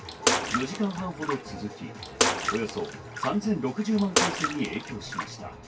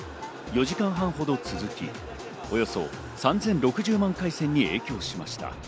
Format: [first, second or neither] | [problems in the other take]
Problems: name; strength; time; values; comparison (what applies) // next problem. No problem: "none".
second | background sound (Bathtub (filling or washing) / Water / Splash, splatter); 1 dB above the speech // room echo; dies away in 0.2 s